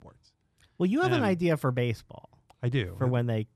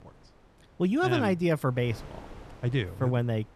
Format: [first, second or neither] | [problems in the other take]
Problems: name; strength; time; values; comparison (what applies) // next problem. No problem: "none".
first | wind noise on the microphone; occasional gusts; 20 dB below the speech